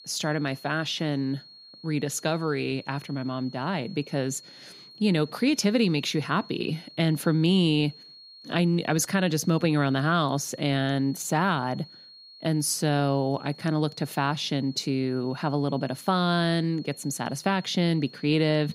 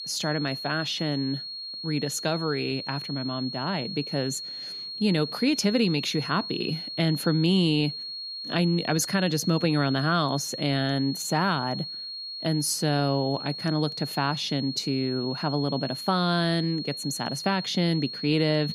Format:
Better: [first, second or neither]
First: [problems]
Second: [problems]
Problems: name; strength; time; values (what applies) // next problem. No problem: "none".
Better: first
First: high-pitched whine; faint; throughout; 4.5 kHz, 20 dB below the speech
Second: high-pitched whine; loud; throughout; 4.5 kHz, 7 dB below the speech